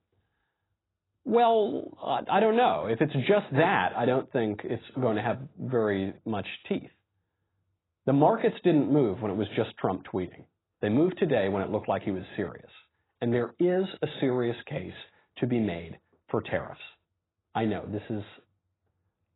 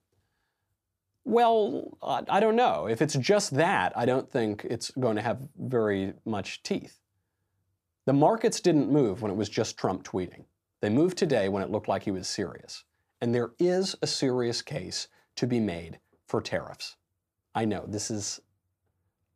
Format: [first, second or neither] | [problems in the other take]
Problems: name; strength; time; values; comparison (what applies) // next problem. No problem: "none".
second | garbled, watery; badly; nothing above 4 kHz